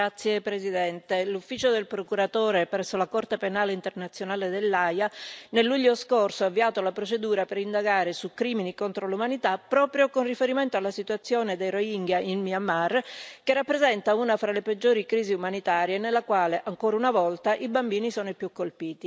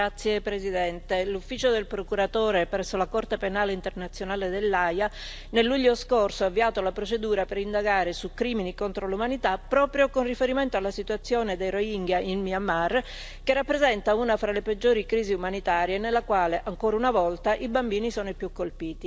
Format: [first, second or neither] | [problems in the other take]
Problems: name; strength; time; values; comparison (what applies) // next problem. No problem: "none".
first | background sound (Engine); 16 dB below the speech